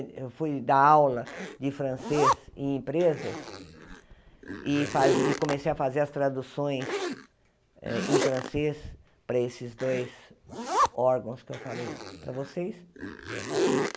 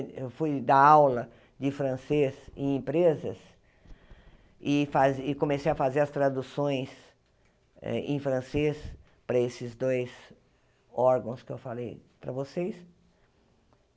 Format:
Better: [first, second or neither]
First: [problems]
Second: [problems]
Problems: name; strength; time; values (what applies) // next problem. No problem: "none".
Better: second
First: background sound (Zipper (clothing)); 4 dB below the speech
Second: none